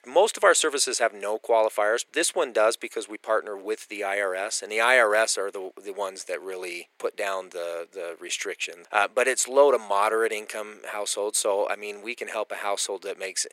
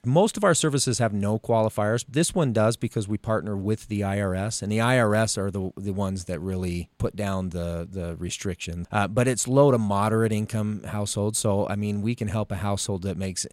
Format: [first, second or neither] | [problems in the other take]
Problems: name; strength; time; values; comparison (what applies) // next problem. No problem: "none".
second | thin; very; fading below 400 Hz